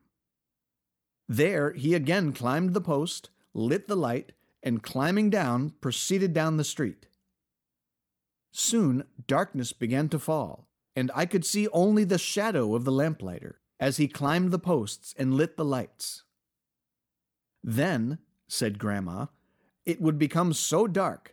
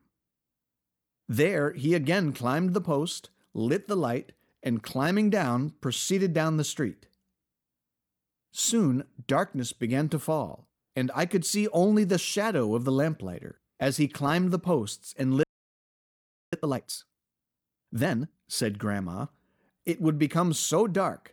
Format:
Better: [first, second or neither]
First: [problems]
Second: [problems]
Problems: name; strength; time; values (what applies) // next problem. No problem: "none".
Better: first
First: none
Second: audio freezing; at 15 s for 1 s